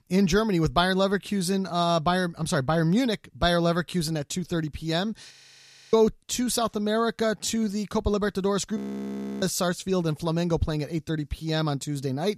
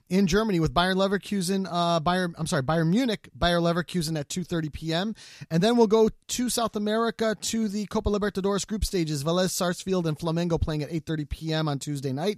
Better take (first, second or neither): second